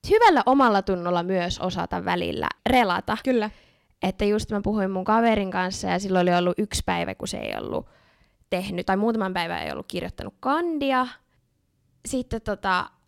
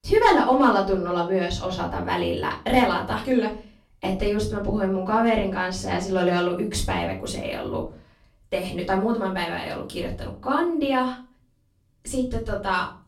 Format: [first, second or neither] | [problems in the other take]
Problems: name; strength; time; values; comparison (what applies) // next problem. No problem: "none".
first | off-mic speech; far // room echo; slight; dies away in 0.3 s